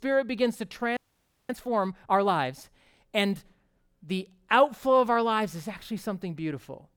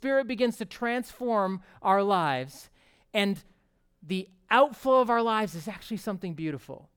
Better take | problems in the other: second | audio freezing; at 1 s for 0.5 s

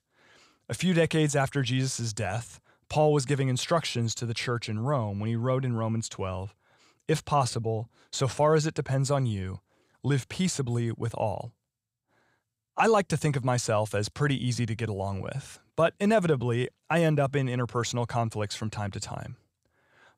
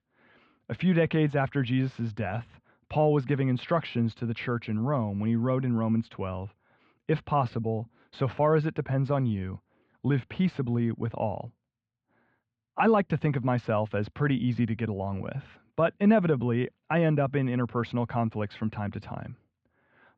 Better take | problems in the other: first | muffled; very; fading above 3 kHz

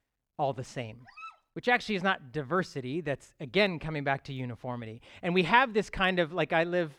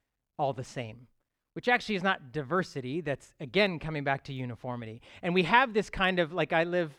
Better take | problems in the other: second | dog barking; faint; at 1 s; peak 15 dB below the speech

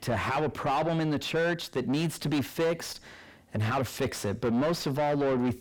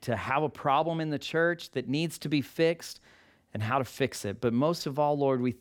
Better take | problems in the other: second | distortion; heavy; 6 dB below the speech

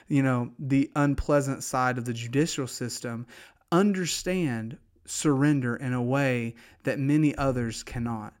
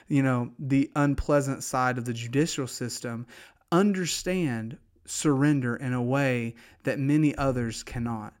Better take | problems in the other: neither | none

